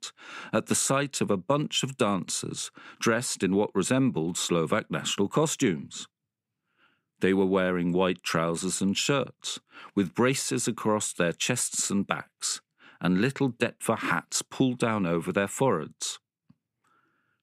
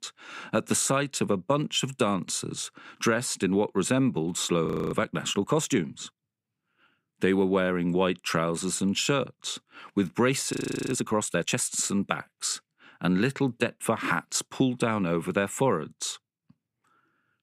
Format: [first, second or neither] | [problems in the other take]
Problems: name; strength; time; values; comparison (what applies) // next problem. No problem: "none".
first | audio freezing; at 4.5 s and at 11 s